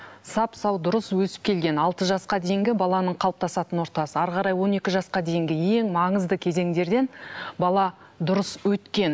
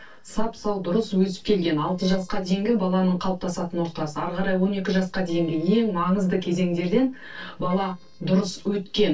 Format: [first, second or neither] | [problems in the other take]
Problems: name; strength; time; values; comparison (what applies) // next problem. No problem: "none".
first | noise reduction (neural separator model SepFormer DNS4)